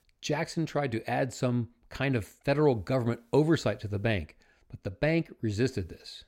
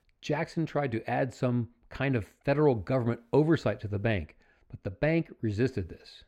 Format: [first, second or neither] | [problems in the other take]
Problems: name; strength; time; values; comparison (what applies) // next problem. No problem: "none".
first | muffled; very slightly; fading above 4 kHz